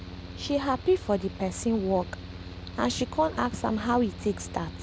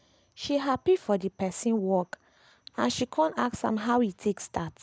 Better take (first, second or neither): second